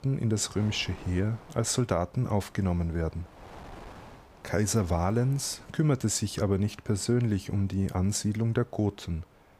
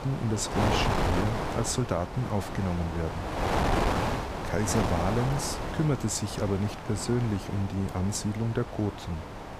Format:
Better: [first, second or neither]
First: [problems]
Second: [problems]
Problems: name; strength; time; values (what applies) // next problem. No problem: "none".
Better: first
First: wind noise on the microphone; occasional gusts; 20 dB below the speech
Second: wind noise on the microphone; heavy; 2 dB above the speech